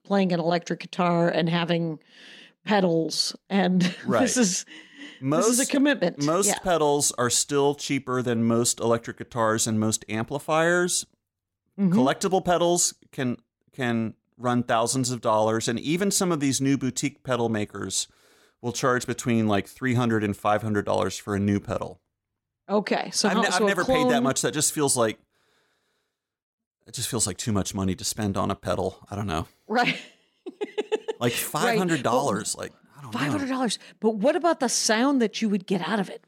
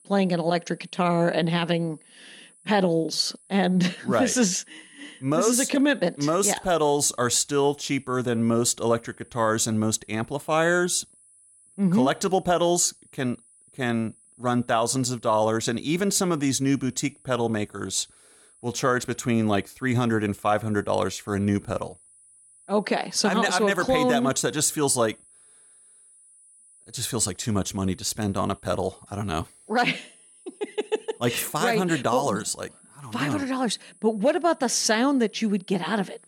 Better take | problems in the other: first | high-pitched whine; faint; throughout; 10 kHz, 30 dB below the speech

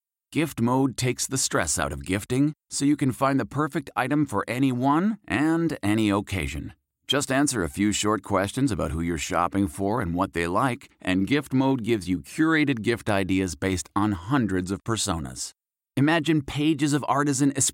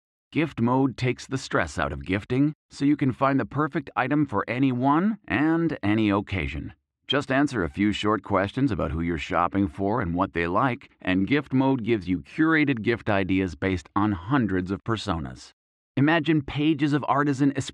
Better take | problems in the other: first | muffled; slightly; fading above 2.5 kHz

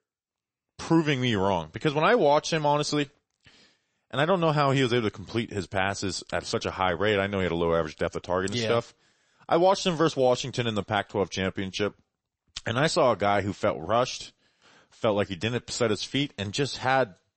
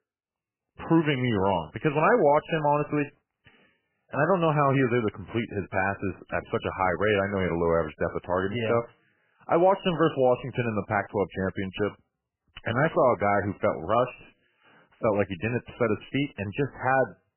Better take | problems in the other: first | garbled, watery; badly; nothing above 3 kHz; slightly in the first

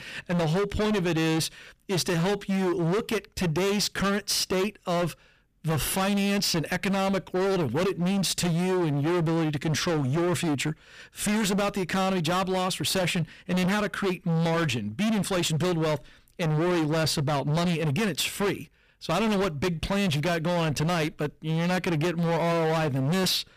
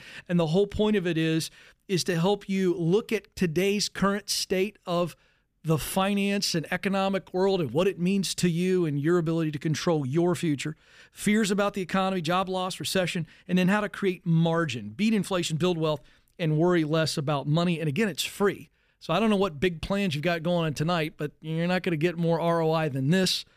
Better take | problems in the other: second | distortion; heavy; 35% of the sound clipped

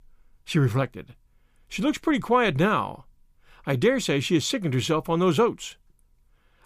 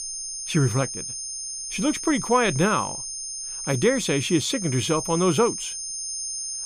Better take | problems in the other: first | high-pitched whine; loud; throughout; 6.5 kHz, 6 dB below the speech

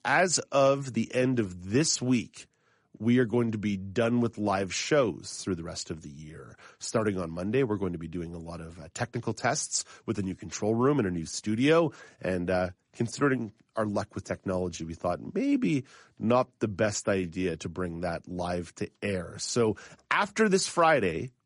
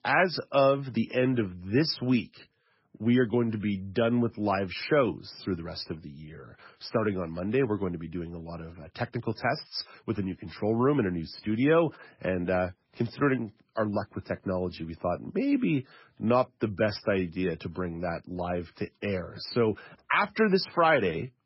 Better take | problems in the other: first | garbled, watery; badly; nothing above 5.5 kHz; slightly in the first

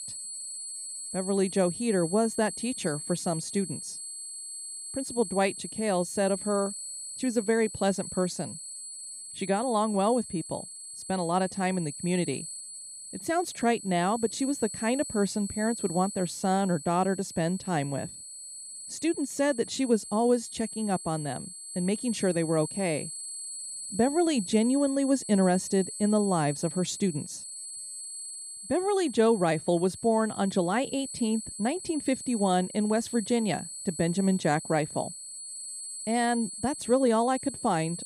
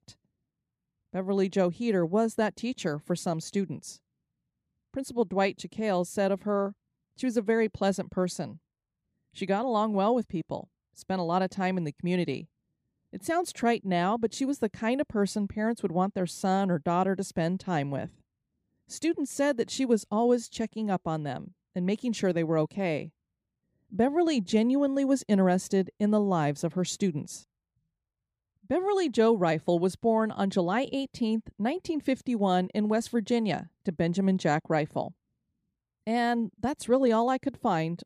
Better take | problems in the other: second | high-pitched whine; loud; throughout; 8 kHz, 9 dB below the speech

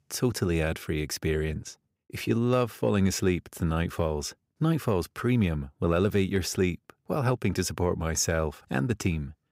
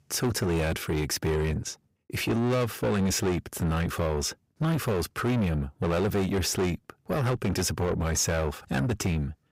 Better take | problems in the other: first | distortion; heavy; 7 dB below the speech

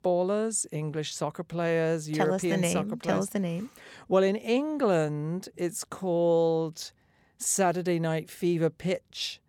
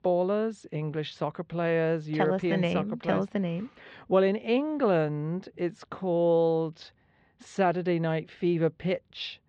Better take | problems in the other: first | muffled; very; fading above 3.5 kHz

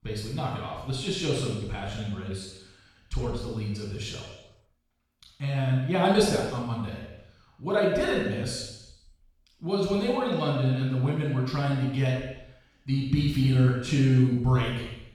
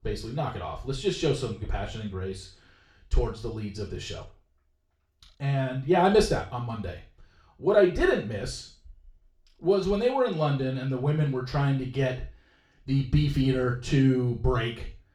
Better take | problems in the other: second | room echo; strong; dies away in 0.9 s; slight in the second // off-mic speech; far; far in the second

